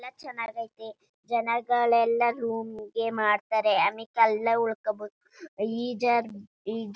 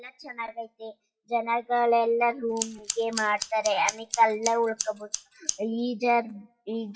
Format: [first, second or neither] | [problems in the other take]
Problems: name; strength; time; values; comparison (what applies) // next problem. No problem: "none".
first | noise reduction (classical method WPE with log-MMSE)